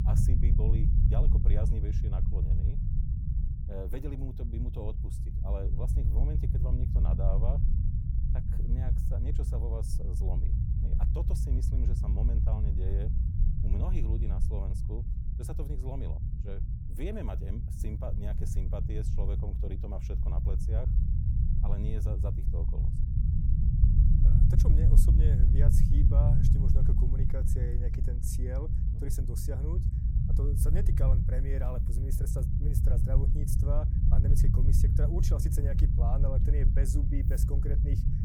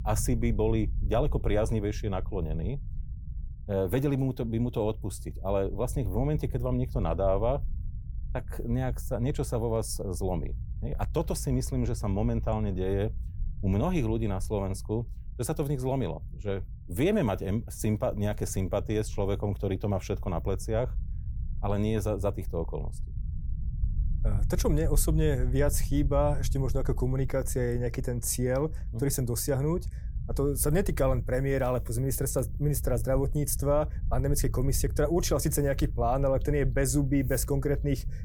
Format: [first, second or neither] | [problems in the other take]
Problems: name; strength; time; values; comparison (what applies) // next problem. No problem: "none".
second | low rumble; loud; throughout; 1 dB below the speech; faint in the second